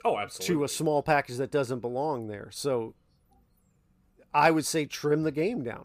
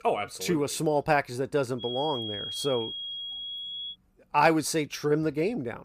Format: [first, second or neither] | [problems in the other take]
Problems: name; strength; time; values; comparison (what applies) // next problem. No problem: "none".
first | high-pitched whine; loud; from 2 to 4 s; 3.5 kHz, 6 dB below the speech